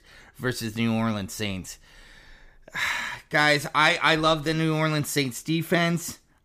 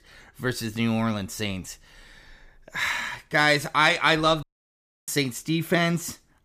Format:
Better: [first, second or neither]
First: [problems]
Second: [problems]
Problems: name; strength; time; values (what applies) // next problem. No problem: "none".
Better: first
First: none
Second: audio cutting out; at 4.5 s for 0.5 s